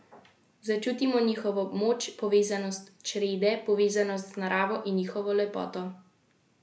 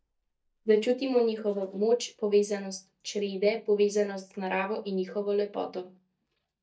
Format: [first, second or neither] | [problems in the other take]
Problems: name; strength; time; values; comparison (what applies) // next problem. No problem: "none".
first | noise reduction (neural mask model DeepFilterNet 3)